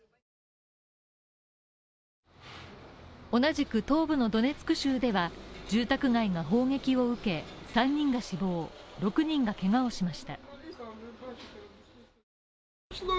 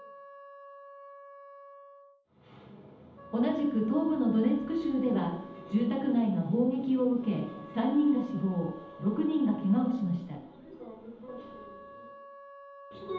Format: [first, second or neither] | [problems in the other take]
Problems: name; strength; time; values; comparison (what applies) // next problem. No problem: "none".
first | background sound (Wind instrument, woodwind instrument); 20 dB below the speech // room echo; dies away in 0.8 s